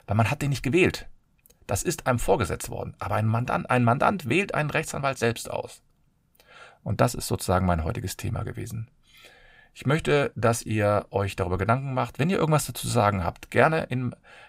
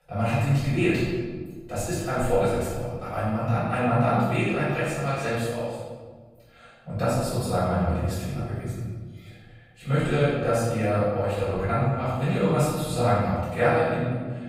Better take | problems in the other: first | off-mic speech; far // room echo; strong; dies away in 1.4 s

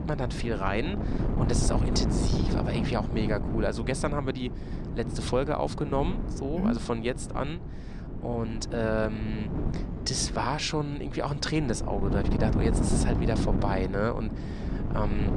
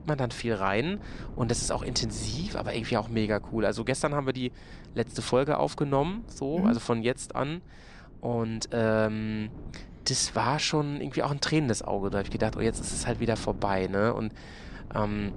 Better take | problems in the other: second | wind noise on the microphone; heavy; 6 dB below the speech; occasional gusts in the second

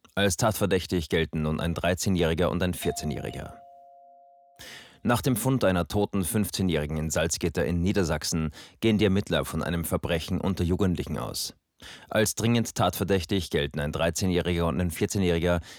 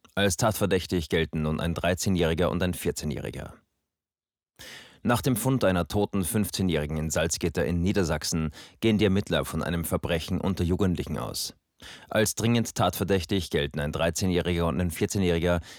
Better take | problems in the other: second | doorbell; faint; from 3 to 4.5 s; peak 15 dB below the speech

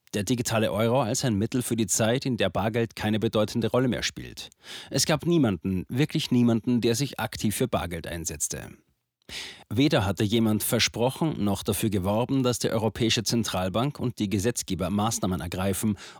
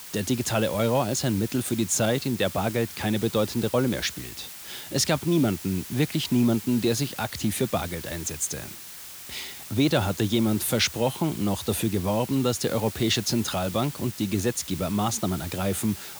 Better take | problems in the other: first | hiss; noticeable; throughout; 10 dB below the speech

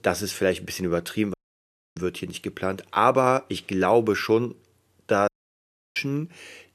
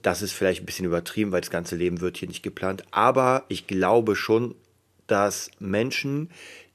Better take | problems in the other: second | audio cutting out; at 1.5 s for 0.5 s and at 5.5 s for 0.5 s

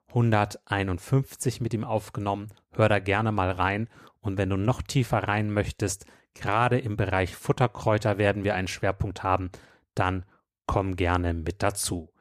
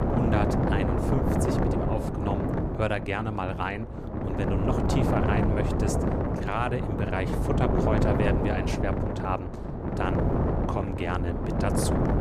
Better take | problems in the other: first | wind noise on the microphone; heavy; 1 dB above the speech

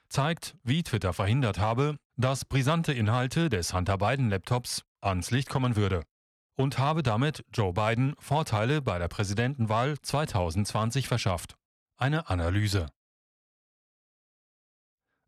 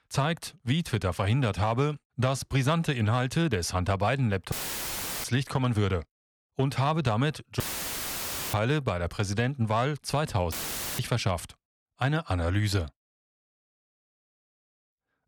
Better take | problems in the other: first | audio cutting out; filled with static; at 4.5 s for 0.5 s, at 7.5 s for 1 s and at 11 s

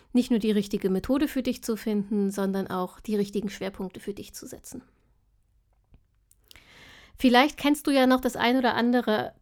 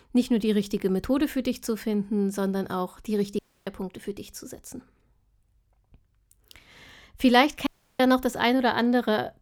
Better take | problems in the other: first | audio cutting out; at 3.5 s and at 7.5 s

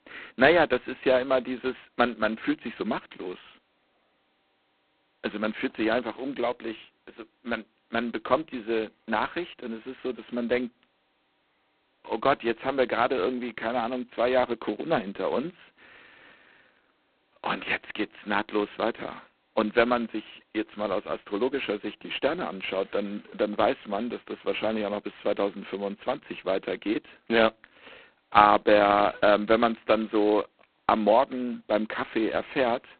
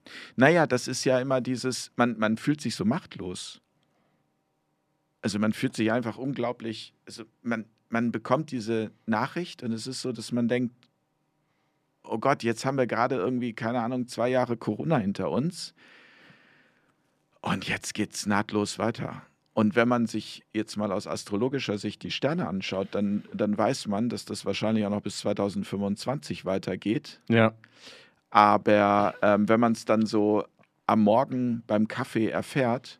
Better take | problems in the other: second | phone-call audio; poor line; nothing above 4 kHz

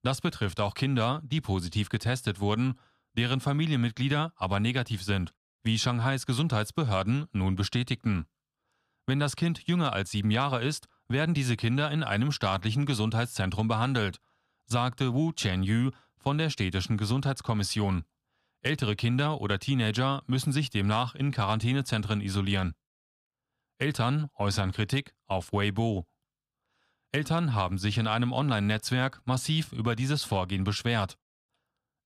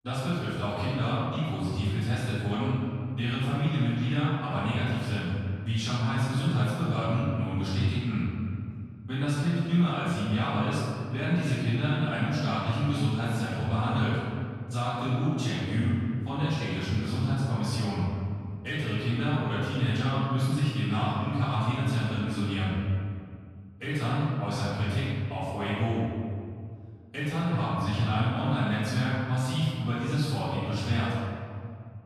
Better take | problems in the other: first | off-mic speech; far // room echo; strong; dies away in 2.2 s

